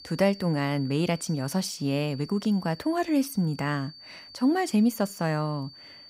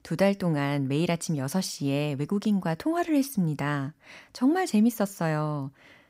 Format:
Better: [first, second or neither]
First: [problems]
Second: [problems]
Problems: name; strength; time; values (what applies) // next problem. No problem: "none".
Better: second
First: high-pitched whine; noticeable; throughout; 4.5 kHz, 20 dB below the speech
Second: none